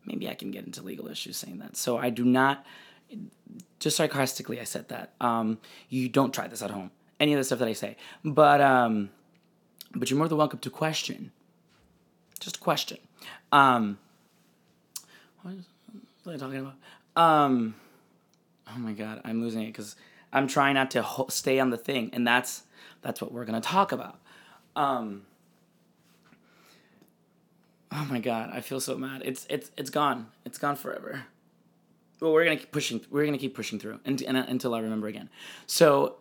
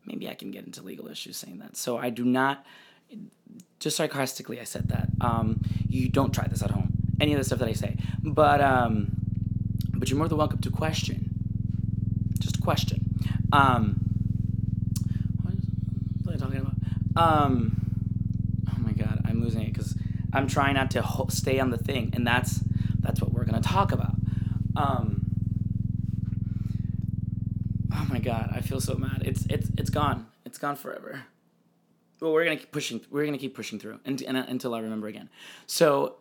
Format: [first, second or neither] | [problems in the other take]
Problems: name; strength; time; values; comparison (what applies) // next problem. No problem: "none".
first | low rumble; noticeable; from 5 to 30 s; 10 dB below the speech